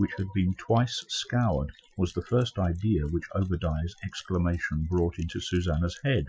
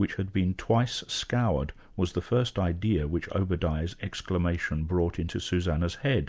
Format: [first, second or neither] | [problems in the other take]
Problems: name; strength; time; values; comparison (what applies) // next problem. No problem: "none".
second | noise reduction (classical method Wiener filter)